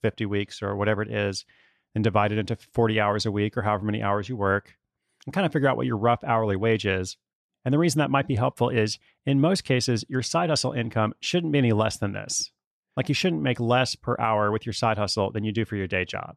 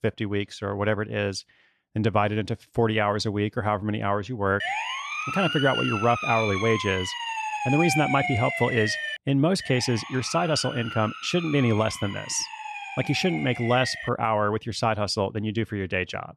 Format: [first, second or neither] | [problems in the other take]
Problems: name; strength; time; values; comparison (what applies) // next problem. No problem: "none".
first | siren; loud; from 4.5 to 9 s; peak level with the speech // siren; noticeable; from 9.5 to 14 s; peak 7 dB below the speech